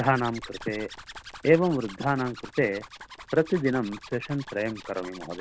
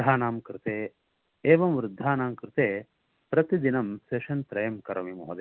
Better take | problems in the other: second | background sound (Zipper (clothing)); 16 dB below the speech

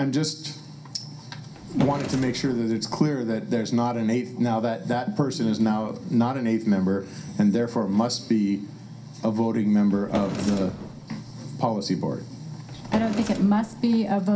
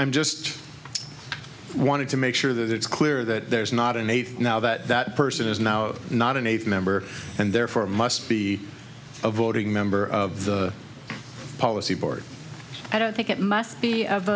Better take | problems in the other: second | background sound (Drawer open or close); 10 dB below the speech // room echo; dies away in 0.3 s

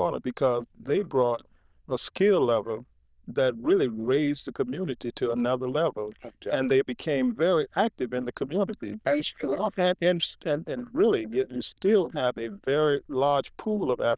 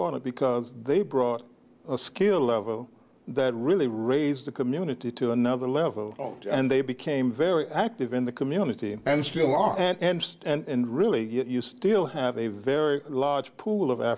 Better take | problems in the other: second | noise reduction (neural diffusion model UNIVERSE++)

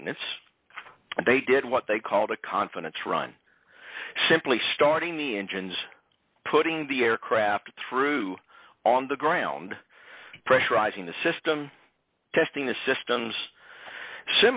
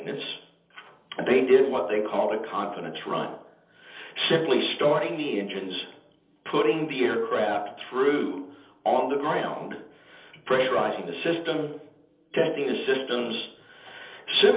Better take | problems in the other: first | room echo; dies away in 1.2 s

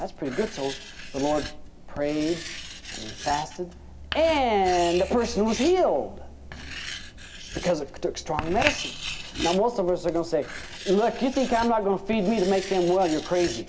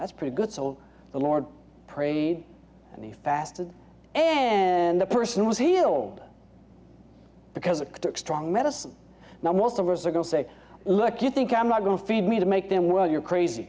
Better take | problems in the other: second | background sound (Writing); 10 dB below the speech // room echo; dies away in 1.6 s

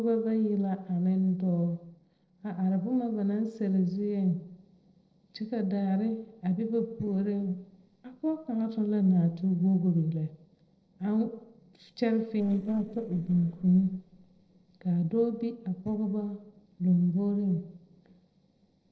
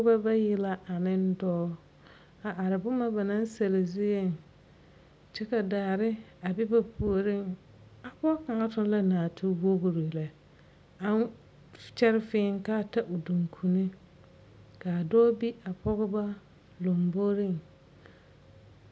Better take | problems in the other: second | noise reduction (neural separator model SepFormer DNS4)

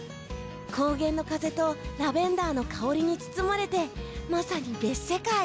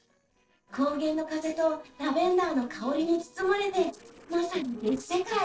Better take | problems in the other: first | noise reduction (neural separator model SepFormer DNS4)

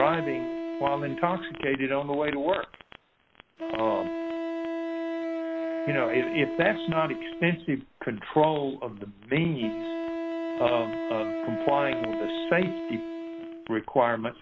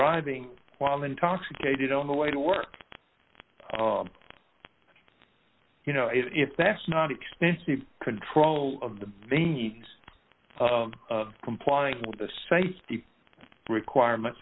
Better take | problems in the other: second | background sound (Wind instrument, woodwind instrument); 5 dB below the speech

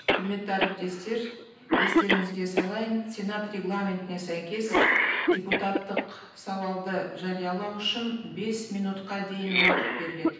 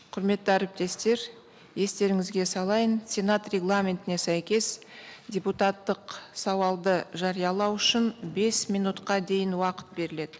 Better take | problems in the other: second | background sound (Cough); 2 dB above the speech // room echo; dies away in 0.9 s

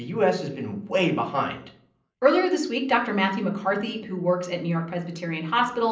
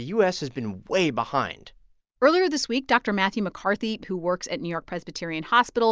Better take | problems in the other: second | room echo; dies away in 0.6 s

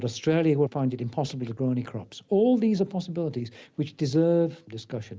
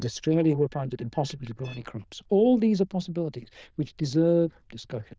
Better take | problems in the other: first | noise reduction (neural diffusion model UNIVERSE++)

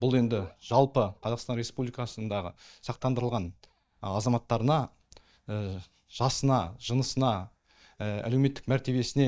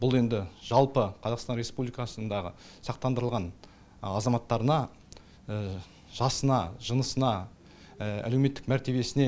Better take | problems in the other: second | noise reduction (neural mask model DeepFilterNet 3)

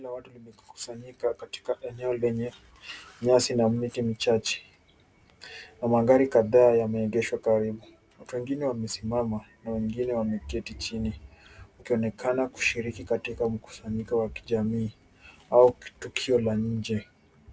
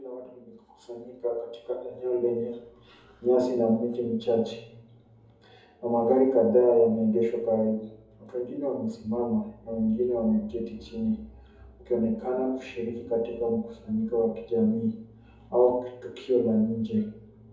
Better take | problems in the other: first | room echo; dies away in 2.5 s

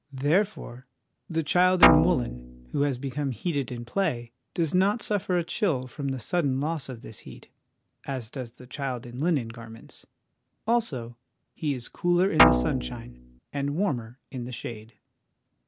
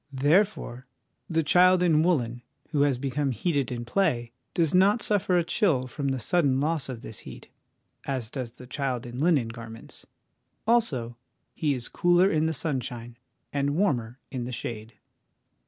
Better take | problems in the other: second | background sound (Guitar); 5 dB above the speech

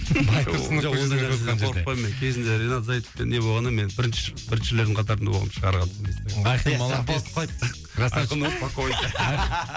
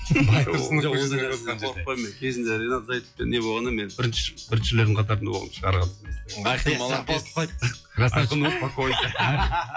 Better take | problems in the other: first | noise reduction (classical method log-MMSE)

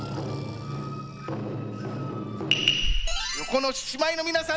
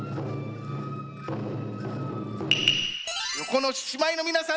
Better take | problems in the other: second | background sound (Breathing); 5 dB below the speech

